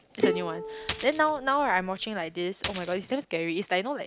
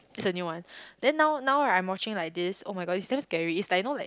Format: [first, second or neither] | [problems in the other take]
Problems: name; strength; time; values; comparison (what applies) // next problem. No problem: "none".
second | background sound (Bowed string instrument + Coin (dropping)); 5 dB below the speech